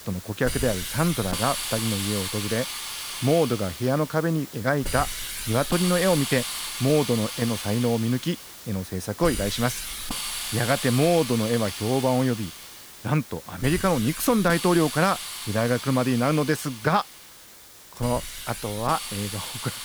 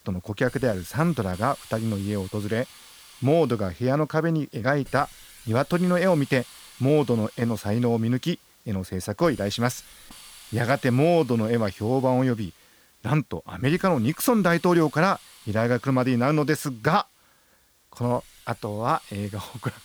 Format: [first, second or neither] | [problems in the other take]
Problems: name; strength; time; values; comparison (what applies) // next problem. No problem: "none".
second | hiss; loud; throughout; 6 dB below the speech; faint in the second